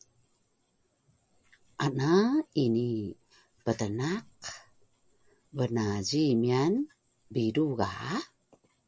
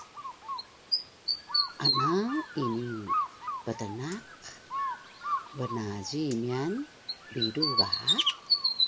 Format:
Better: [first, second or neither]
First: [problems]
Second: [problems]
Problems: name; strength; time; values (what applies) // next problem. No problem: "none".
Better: first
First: none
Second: background sound (Bird); 3 dB above the speech